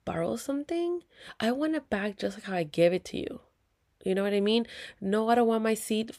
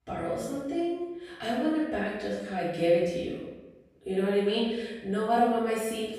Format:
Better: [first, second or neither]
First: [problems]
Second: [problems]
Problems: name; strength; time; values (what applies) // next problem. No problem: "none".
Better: first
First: none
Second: off-mic speech; far // room echo; strong; dies away in 0.9 s